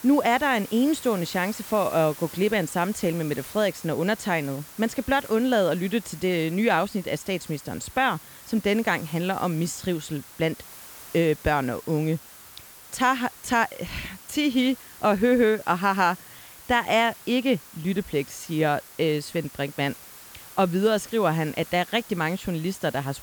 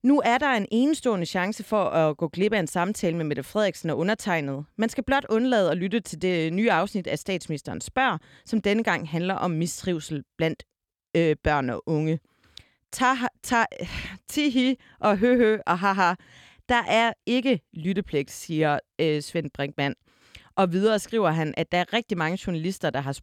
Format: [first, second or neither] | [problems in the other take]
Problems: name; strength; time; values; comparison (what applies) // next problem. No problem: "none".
second | hiss; noticeable; throughout; 15 dB below the speech